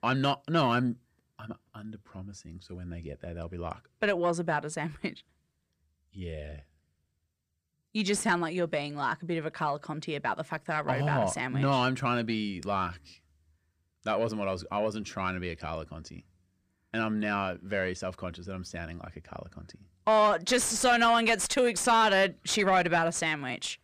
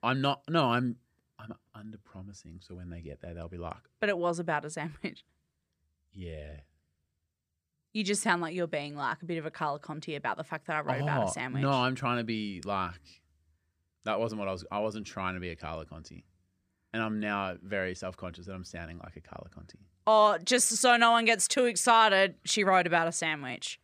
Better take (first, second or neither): second